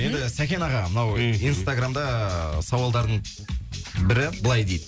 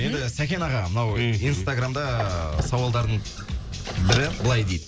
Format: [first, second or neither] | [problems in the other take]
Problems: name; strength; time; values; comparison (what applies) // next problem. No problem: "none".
first | background sound (Squeak); 8 dB below the speech